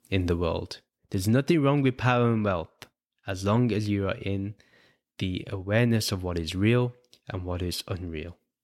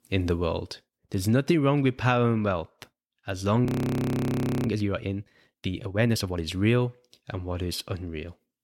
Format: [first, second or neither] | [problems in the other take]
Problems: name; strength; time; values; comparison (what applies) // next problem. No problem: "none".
first | audio freezing; at 3.5 s for 1 s